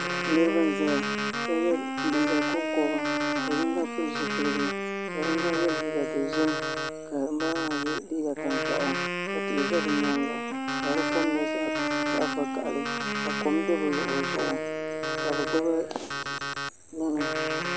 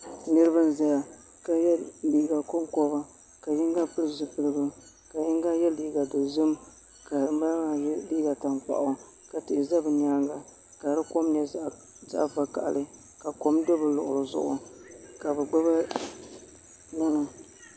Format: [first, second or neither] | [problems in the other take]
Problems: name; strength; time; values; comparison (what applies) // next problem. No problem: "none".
second | background sound (Wind instrument, woodwind instrument + Alarm); as loud as the speech